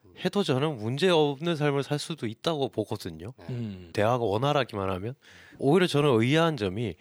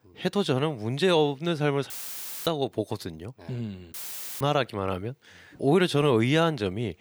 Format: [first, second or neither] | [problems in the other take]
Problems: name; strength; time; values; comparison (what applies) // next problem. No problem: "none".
first | audio cutting out; filled with static; at 2 s for 0.5 s and at 4 s